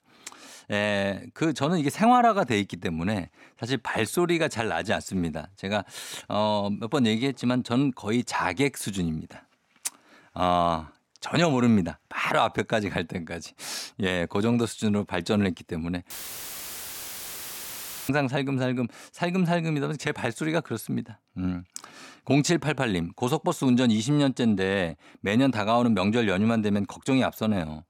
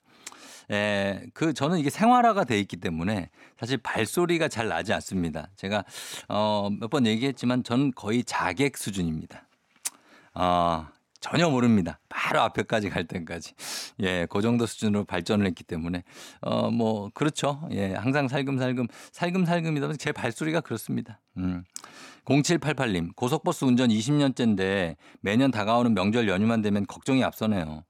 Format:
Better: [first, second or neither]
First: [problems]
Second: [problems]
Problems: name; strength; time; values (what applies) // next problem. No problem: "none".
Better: second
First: audio cutting out; filled with static; at 16 s for 2 s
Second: none